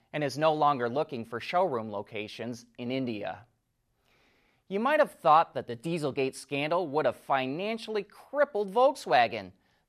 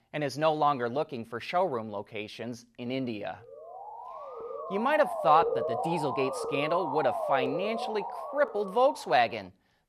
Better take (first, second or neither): first